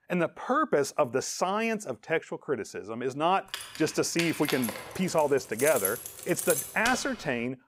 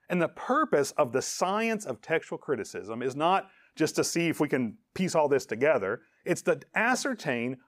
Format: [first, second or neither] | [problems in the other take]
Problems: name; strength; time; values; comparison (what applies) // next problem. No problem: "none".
second | jangling keys; noticeable; from 3.5 to 7 s; peak 1 dB below the speech